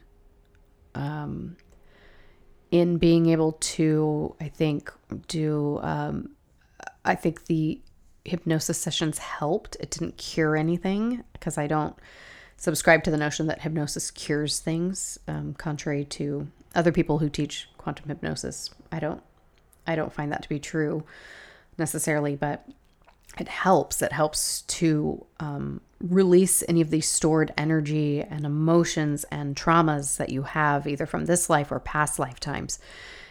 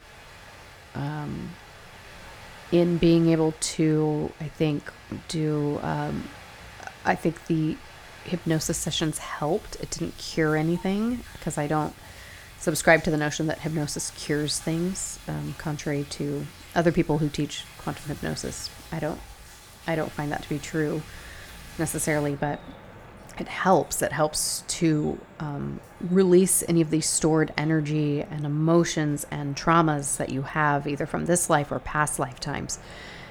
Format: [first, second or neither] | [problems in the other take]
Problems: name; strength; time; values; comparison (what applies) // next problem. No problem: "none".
first | rain or running water; noticeable; throughout; 20 dB below the speech